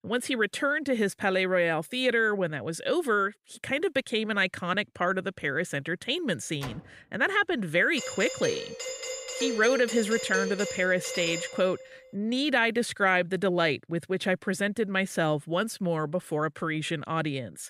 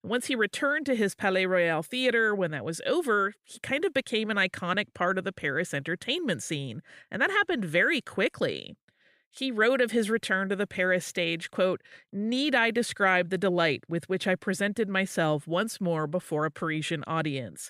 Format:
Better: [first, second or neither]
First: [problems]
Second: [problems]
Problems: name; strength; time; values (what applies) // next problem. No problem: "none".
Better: second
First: door banging; faint; at 6.5 s; peak 15 dB below the speech // doorbell; noticeable; from 8 to 12 s; peak 3 dB below the speech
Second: none